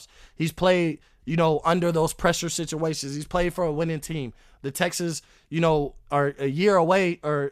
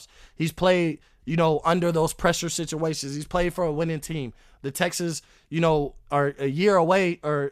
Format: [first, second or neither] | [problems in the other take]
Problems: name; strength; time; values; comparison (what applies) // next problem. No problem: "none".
neither | none